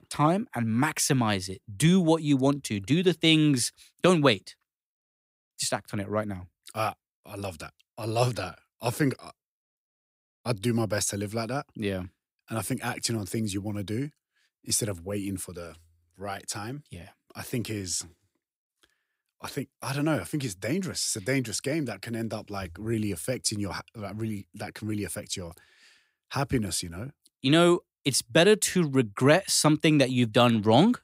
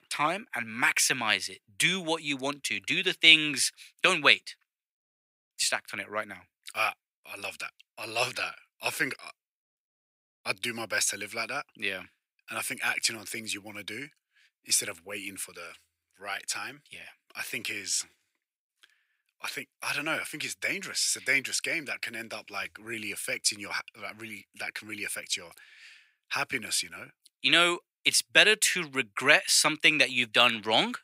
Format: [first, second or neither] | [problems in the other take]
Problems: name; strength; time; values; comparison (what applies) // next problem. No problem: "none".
first | thin; somewhat; fading below 1 kHz